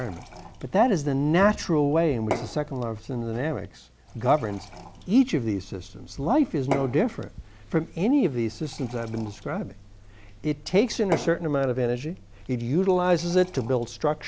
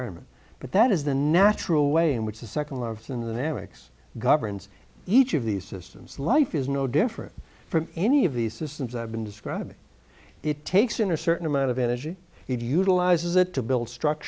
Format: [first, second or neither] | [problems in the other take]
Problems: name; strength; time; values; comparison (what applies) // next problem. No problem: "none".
second | background sound (Fill (with liquid) / Glass / Water); 14 dB below the speech